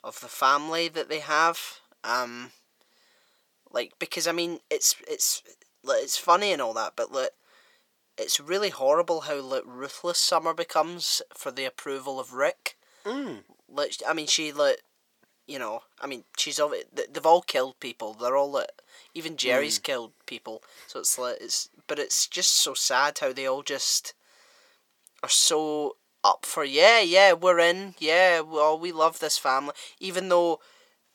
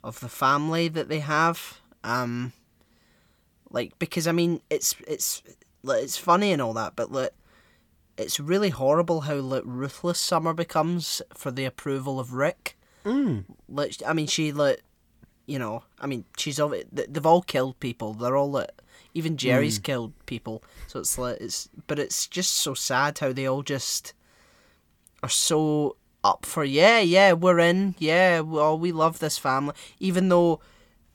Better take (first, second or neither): second